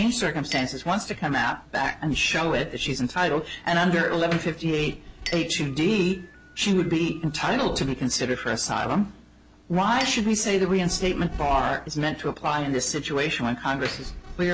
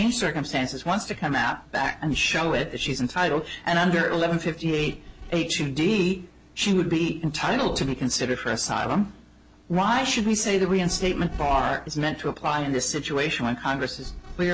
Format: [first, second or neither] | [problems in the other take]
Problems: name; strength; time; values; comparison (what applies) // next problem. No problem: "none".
second | background sound (Chink, clink + Slam); 19 dB below the speech